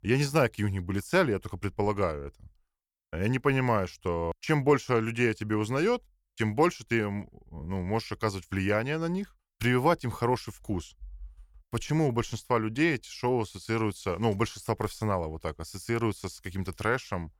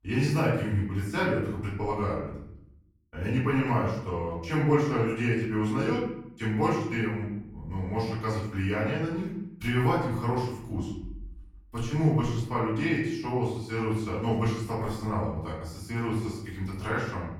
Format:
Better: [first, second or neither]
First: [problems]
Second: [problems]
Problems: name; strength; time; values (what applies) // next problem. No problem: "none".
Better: first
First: none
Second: off-mic speech; far // room echo; noticeable; dies away in 0.8 s